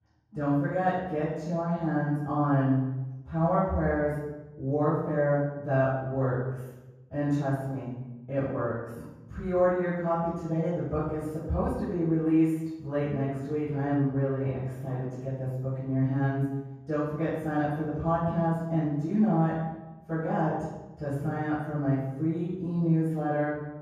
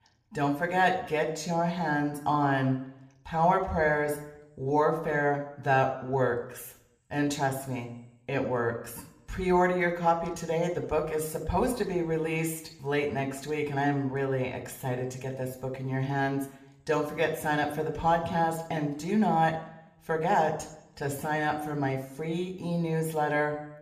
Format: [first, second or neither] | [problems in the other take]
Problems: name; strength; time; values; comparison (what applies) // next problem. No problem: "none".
second | room echo; strong; dies away in 1.3 s; slight in the second // off-mic speech; far